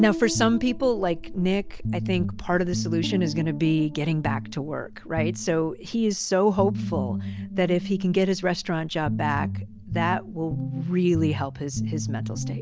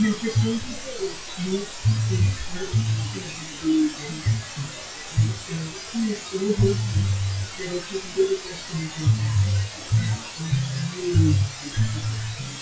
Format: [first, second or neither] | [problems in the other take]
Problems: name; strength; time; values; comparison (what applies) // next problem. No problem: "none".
first | noise reduction (classical method WPE with log-MMSE)